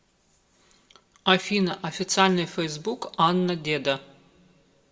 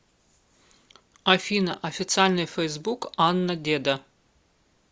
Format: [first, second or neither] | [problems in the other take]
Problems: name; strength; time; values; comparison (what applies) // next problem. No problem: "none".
second | room echo; dies away in 1 s